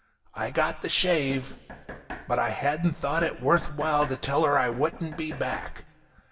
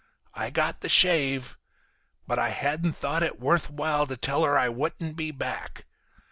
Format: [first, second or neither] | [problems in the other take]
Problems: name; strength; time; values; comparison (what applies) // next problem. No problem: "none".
second | background sound (Knock); 16 dB below the speech // room echo; dies away in 2 s